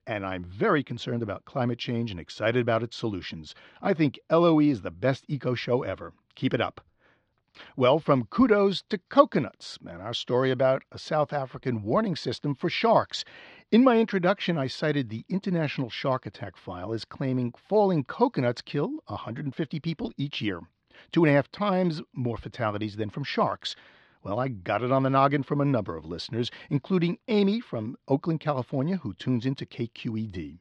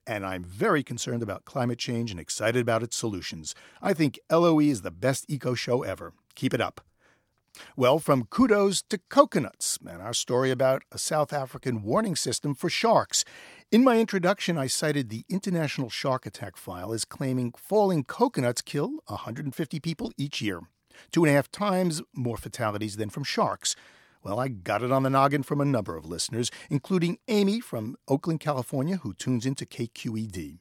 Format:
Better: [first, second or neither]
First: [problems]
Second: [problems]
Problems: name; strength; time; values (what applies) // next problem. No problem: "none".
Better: second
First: muffled; slightly; fading above 4 kHz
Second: none